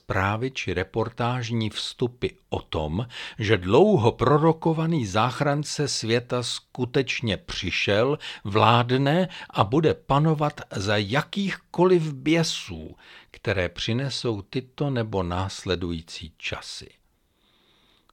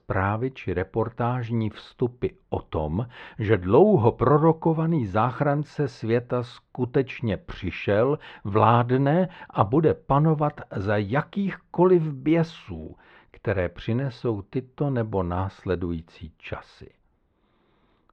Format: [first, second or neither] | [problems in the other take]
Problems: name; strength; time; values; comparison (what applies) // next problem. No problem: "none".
first | muffled; very; fading above 3.5 kHz